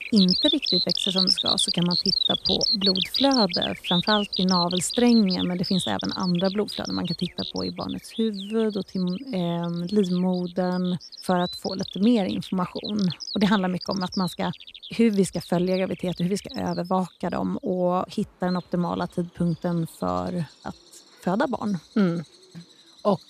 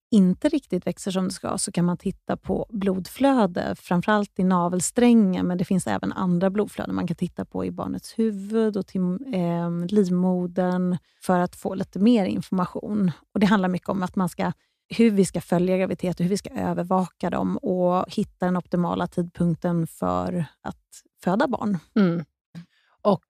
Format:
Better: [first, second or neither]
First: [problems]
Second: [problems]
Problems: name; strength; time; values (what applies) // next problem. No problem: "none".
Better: second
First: animal sounds; very loud; throughout; as loud as the speech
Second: none